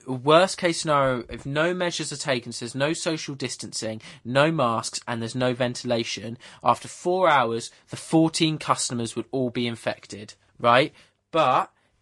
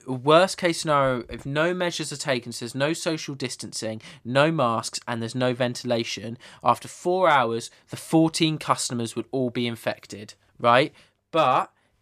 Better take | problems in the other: second | garbled, watery; slightly; nothing above 10 kHz

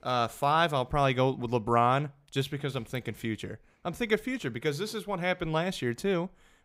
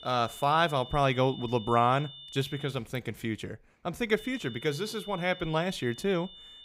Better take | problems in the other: first | high-pitched whine; noticeable; until 2.5 s and from 4 s on; 3.5 kHz, 15 dB below the speech

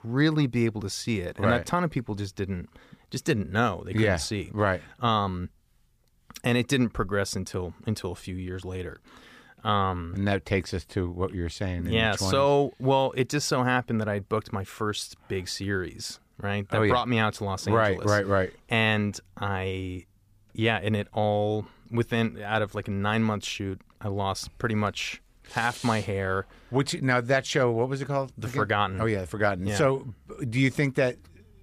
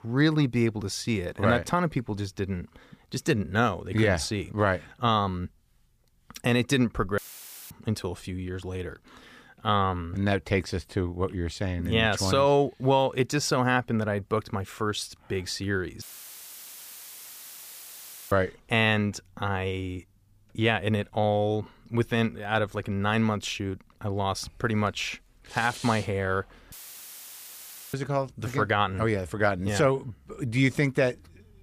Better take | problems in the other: first | audio cutting out; filled with static; at 7 s for 0.5 s, at 16 s for 2.5 s and at 27 s for 1 s

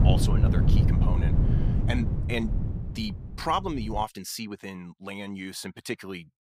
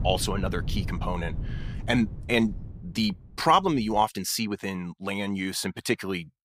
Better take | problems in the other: second | wind noise on the microphone; heavy; until 4 s; 3 dB below the speech; occasional gusts in the second

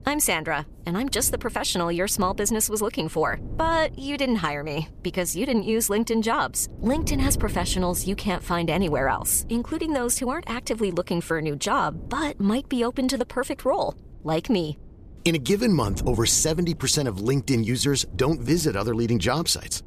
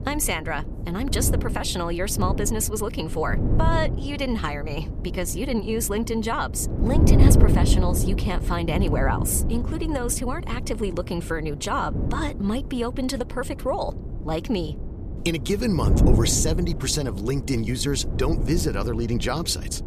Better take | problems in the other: first | wind noise on the microphone; heavy; 8 dB below the speech; occasional gusts in the first

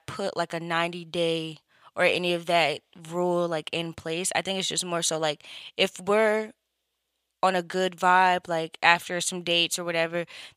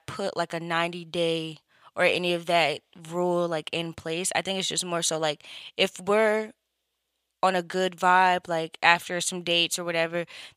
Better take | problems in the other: neither | thin; somewhat; fading below 1 kHz; the same in both

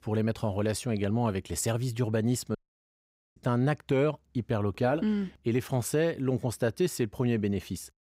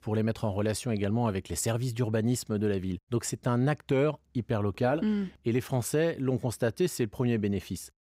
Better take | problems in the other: second | audio cutting out; at 2.5 s for 1 s

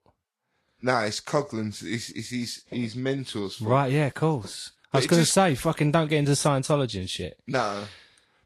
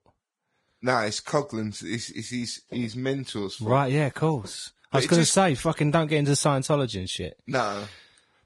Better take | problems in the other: first | garbled, watery; badly; nothing above 10.5 kHz; slightly in the first

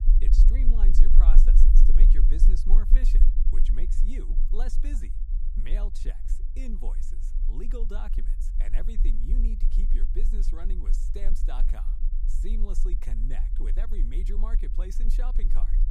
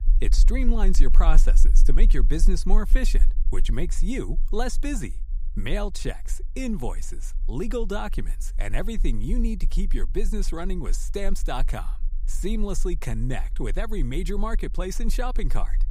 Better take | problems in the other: second | low rumble; loud; throughout; 5 dB below the speech; faint in the second

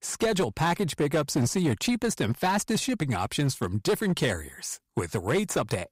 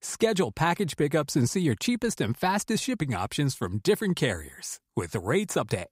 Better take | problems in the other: second | distortion; slight; 9% of the sound clipped

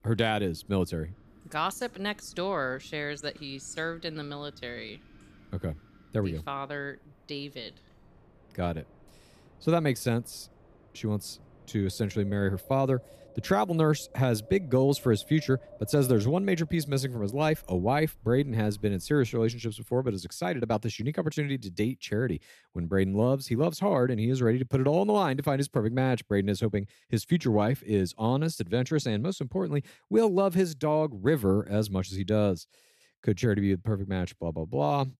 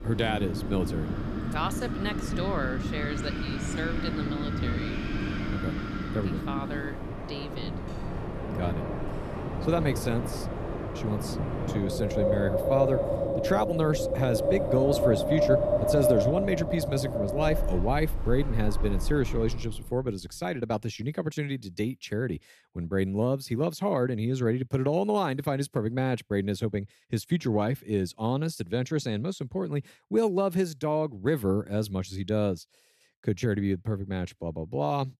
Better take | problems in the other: first | wind in the background; loud; until 20 s; 1 dB below the speech; faint in the first

